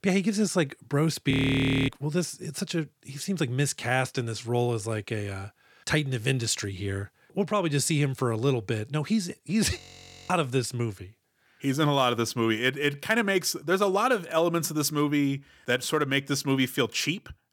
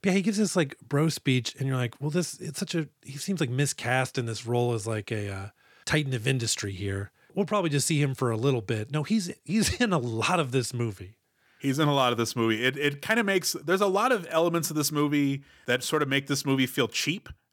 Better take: second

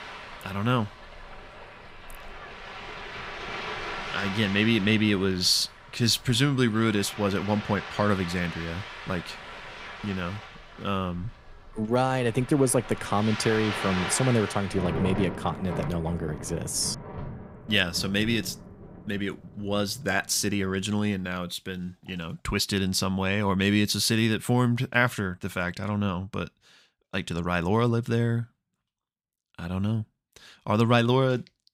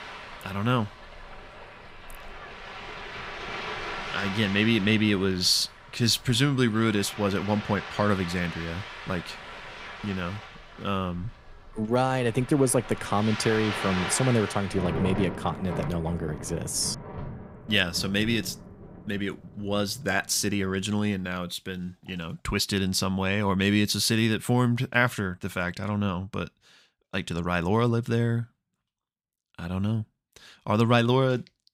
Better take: neither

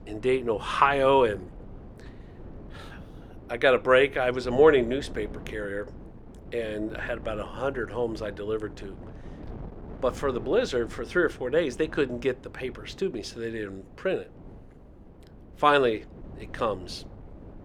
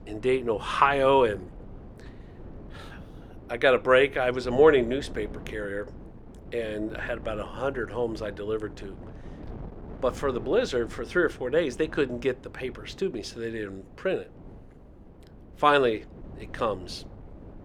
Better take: neither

